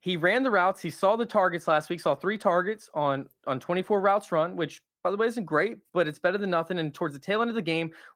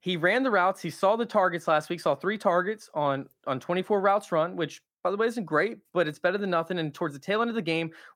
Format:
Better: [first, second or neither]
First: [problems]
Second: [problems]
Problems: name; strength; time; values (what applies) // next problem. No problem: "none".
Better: second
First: garbled, watery; slightly; nothing above 17 kHz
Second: none